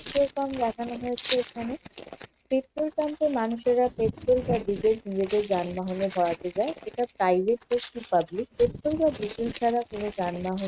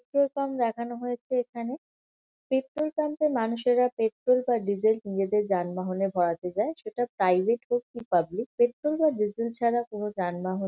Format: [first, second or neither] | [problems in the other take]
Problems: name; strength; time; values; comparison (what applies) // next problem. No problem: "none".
second | noise reduction (neural mask model RNNoise)